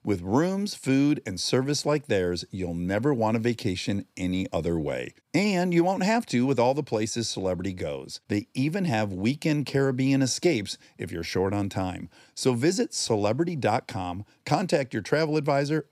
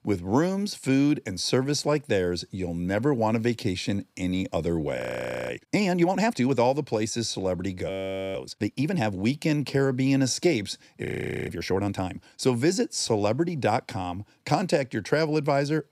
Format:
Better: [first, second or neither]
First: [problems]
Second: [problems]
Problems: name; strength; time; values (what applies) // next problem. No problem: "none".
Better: first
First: none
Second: audio freezing; at 5 s for 0.5 s, at 8 s and at 11 s